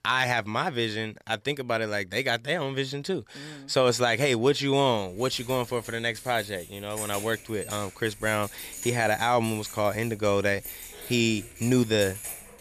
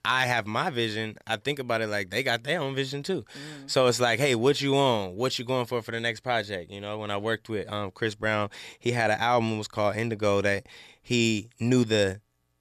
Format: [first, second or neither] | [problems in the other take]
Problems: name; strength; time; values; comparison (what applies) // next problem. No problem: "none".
second | jangling keys; noticeable; from 5 s on; peak 7 dB below the speech